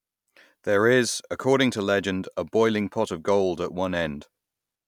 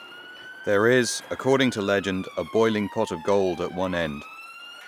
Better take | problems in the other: first | background sound (Motor vehicle (road) / Siren); 17 dB below the speech

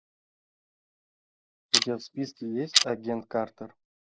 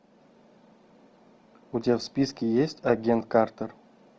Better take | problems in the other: second | noise reduction (neural mask model Resemble Enhance denoiser)

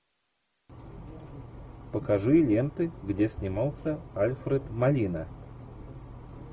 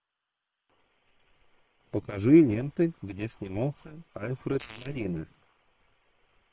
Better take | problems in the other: first | noise reduction (neural separator model SepFormer WHAM!)

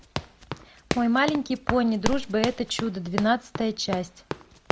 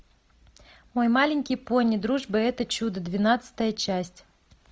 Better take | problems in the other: second | background sound (Run); 6 dB below the speech

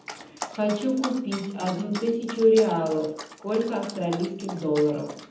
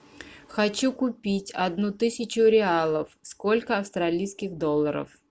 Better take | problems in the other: second | background sound (Dog); 14 dB below the speech // room echo; dies away in 0.8 s

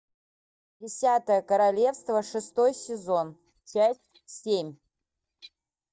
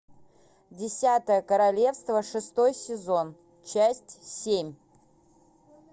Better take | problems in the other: second | noise reduction (neural mask model DeepFilterNet 3)

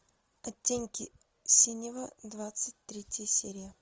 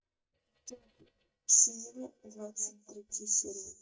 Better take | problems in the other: first | noise reduction (neural mask model DeepFilterNet 3)

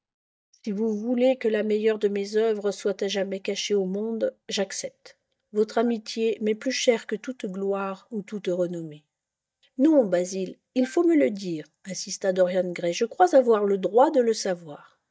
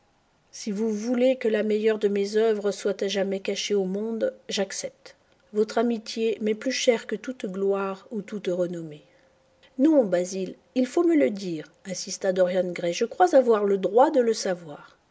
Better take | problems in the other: second | noise reduction (neural mask model DeepFilterNet 3)

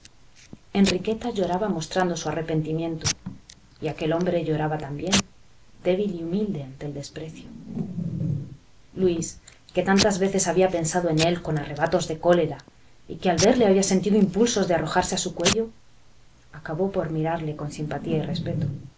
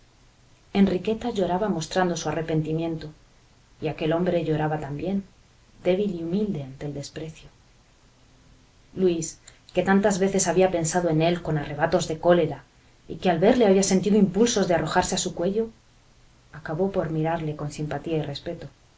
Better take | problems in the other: second | background sound (Packing tape, duct tape / Tearing); 9 dB below the speech

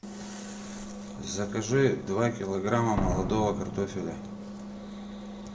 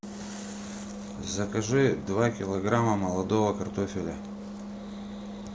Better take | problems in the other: second | background sound (Slam); 9 dB below the speech // room echo; dies away in 1.8 s

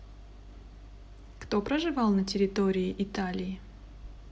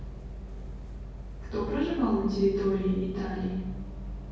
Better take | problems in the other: first | background sound (Bus); 16 dB below the speech // room echo; dies away in 1.3 s

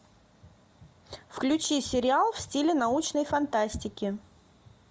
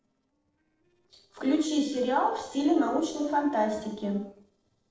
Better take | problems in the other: first | noise reduction (neural separator model SepFormer DNS4)

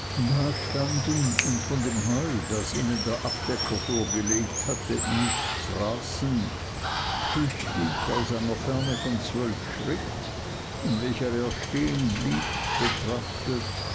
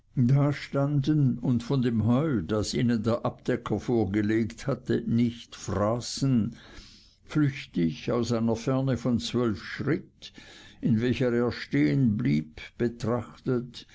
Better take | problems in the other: second | background sound (Finger snapping + Water); 1 dB below the speech

